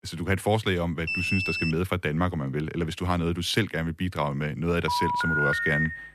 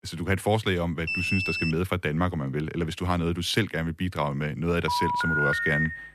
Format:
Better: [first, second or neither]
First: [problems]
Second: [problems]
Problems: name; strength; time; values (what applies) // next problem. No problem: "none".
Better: neither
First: alarm; loud; at 1 s; peak 1 dB above the speech // phone ringing; loud; from 5 s on; peak 3 dB above the speech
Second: alarm; loud; at 1 s; peak 1 dB above the speech // phone ringing; loud; from 5 s on; peak 3 dB above the speech